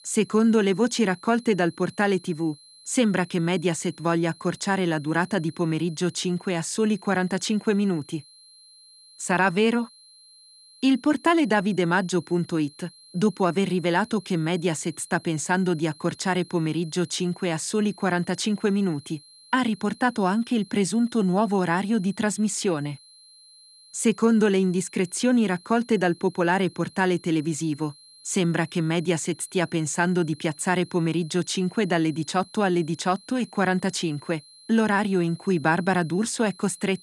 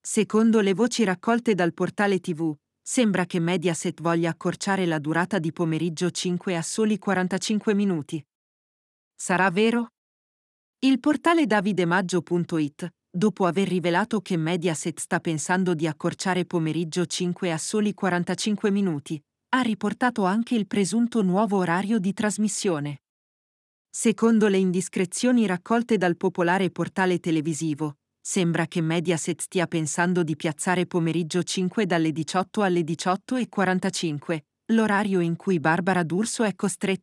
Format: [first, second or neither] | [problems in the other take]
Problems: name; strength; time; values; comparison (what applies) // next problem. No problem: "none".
second | high-pitched whine; faint; throughout; 4 kHz, 25 dB below the speech